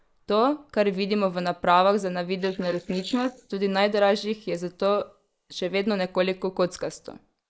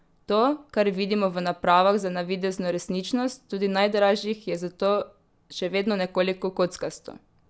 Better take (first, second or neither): second